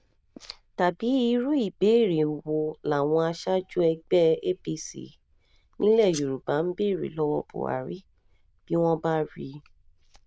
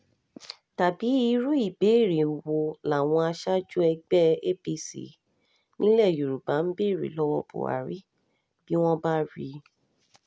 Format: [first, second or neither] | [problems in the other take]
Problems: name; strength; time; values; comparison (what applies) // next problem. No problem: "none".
second | noise reduction (neural diffusion model UNIVERSE++)